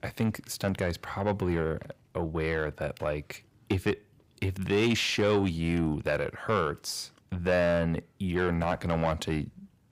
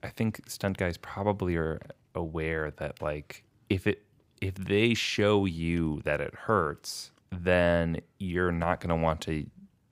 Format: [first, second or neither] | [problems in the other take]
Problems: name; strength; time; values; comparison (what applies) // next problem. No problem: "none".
second | distortion; slight; 10 dB below the speech